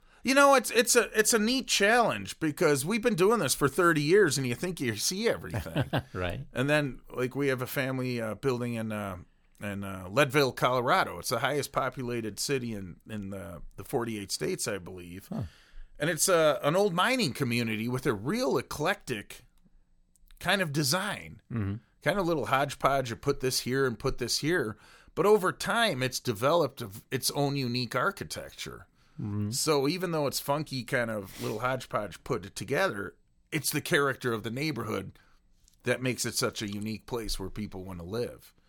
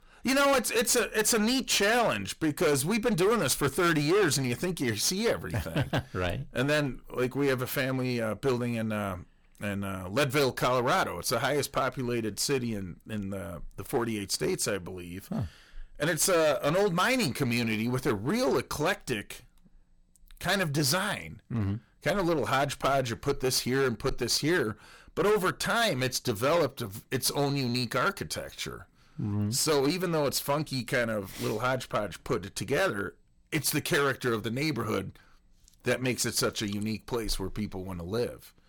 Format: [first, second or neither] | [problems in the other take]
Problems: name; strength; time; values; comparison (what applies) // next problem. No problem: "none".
first | distortion; heavy; 9% of the sound clipped